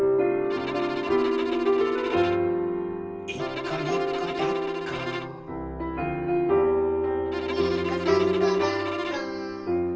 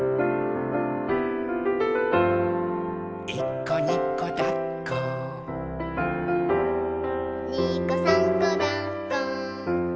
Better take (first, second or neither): second